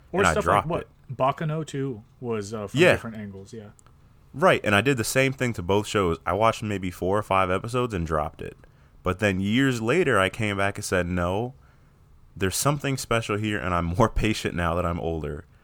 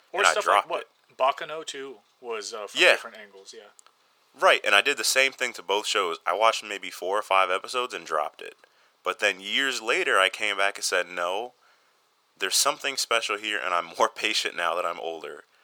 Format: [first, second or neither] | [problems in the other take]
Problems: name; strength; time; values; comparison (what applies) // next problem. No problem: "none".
first | thin; very; fading below 500 Hz